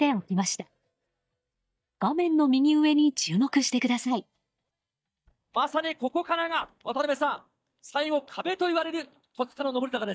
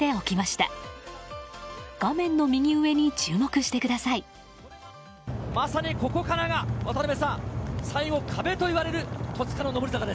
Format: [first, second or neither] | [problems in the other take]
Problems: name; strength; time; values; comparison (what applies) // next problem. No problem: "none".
second | noise reduction (neural mask model DeepFilterNet 3)